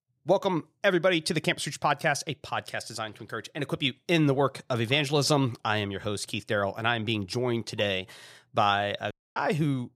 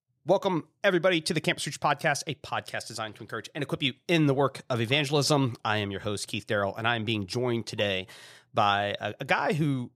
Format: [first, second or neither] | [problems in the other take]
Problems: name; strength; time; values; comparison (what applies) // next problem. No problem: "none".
second | audio cutting out; at 9 s